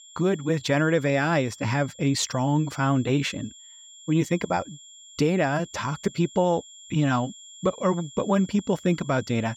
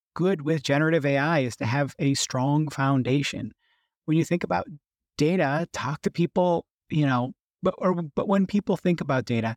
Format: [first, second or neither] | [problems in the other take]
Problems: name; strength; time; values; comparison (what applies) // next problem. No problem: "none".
second | high-pitched whine; noticeable; throughout; 3.5 kHz, 20 dB below the speech